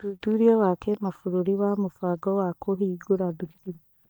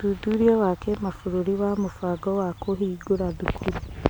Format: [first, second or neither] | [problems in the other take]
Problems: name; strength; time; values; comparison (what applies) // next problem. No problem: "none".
second | noise reduction (neural mask model DeepFilterNet 3)